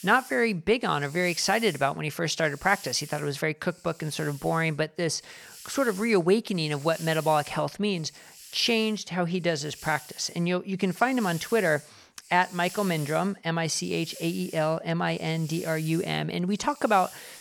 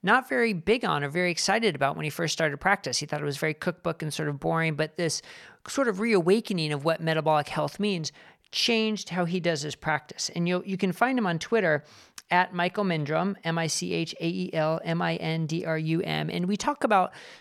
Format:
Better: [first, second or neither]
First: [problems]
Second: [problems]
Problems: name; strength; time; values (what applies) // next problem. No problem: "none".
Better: second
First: hiss; noticeable; throughout; 15 dB below the speech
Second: none